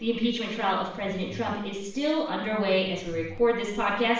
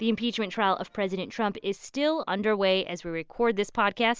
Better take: second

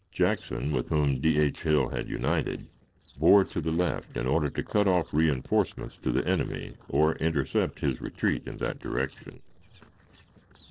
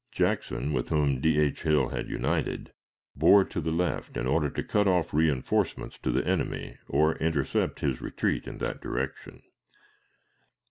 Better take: second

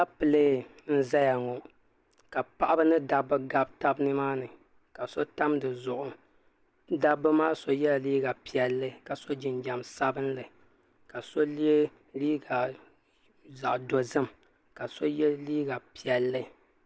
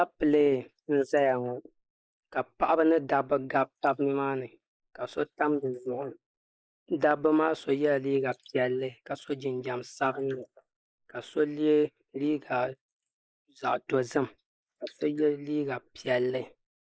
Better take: first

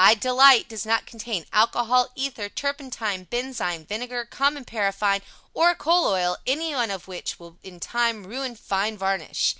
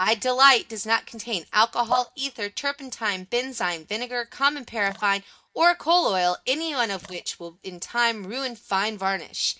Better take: first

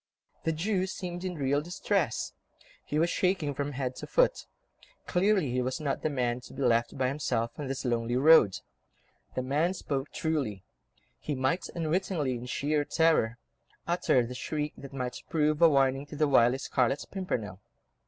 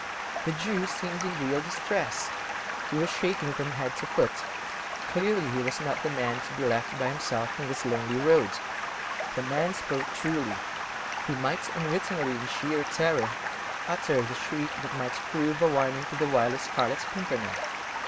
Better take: first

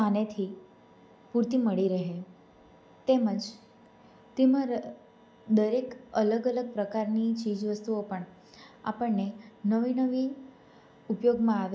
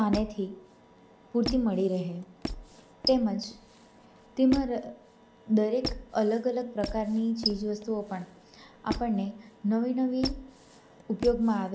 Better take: first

